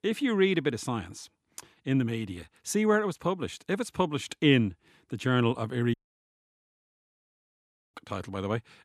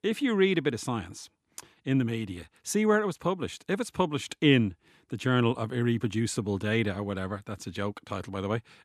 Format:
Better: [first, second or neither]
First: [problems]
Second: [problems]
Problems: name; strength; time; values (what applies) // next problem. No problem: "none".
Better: second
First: audio cutting out; at 6 s for 2 s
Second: none